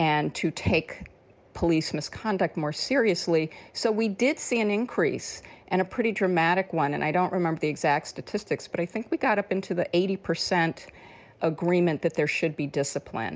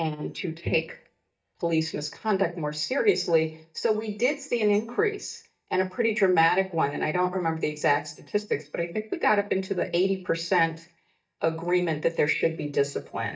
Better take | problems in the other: first | noise reduction (neural mask model DeepFilterNet 3)

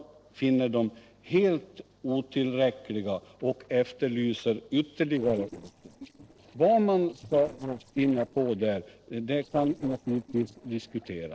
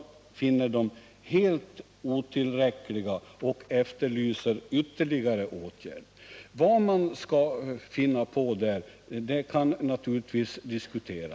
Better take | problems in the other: second | noise reduction (neural separator model SepFormer DNS4)

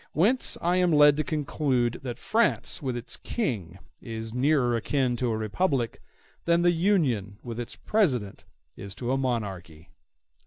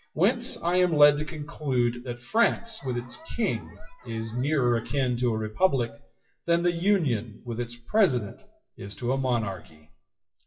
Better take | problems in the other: first | noise reduction (classical method WPE with log-MMSE)

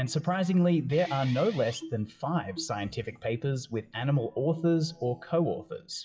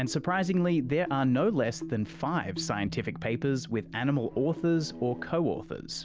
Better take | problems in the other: second | noise reduction (classical method WPE with log-MMSE)

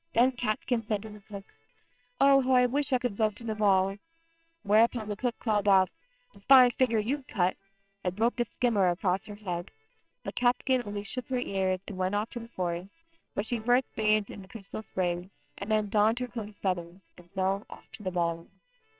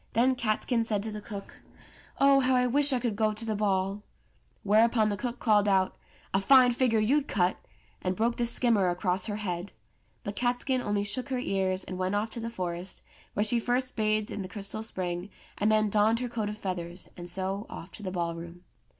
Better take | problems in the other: second | noise reduction (neural separator model SepFormer WHAMR!)

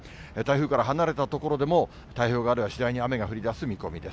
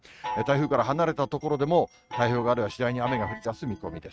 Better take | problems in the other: first | noise reduction (neural mask model RNNoise)

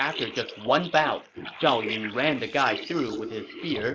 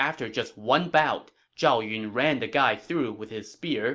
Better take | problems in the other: second | noise reduction (neural mask model Resemble Enhance denoiser)

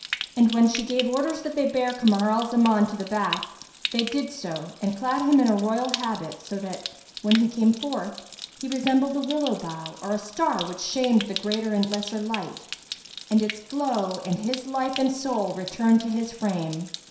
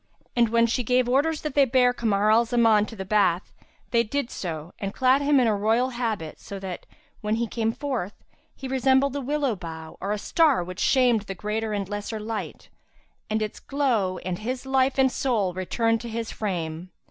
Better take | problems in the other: second | background sound (Stream); 13 dB below the speech // room echo; dies away in 0.7 s

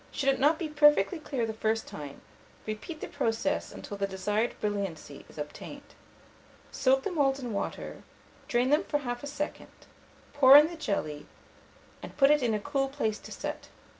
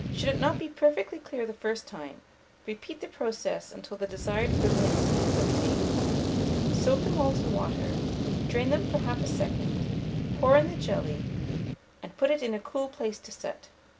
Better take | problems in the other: first | background sound (Fire); 1 dB above the speech

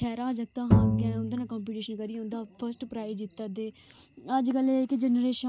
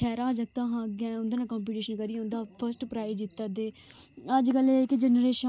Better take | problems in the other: second | background sound (Bowed string instrument); 4 dB above the speech

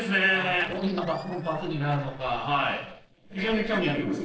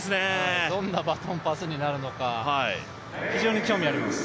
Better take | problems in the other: second | noise reduction (neural separator model SepFormer DNS4)

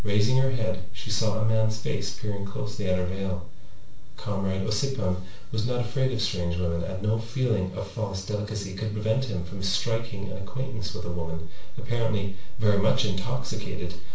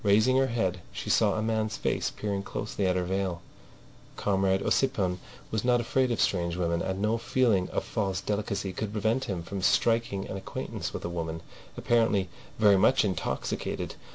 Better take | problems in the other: second | room echo; dies away in 0.3 s

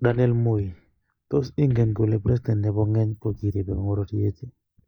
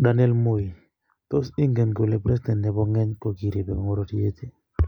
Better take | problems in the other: second | noise reduction (neural mask model DeepFilterNet 3)

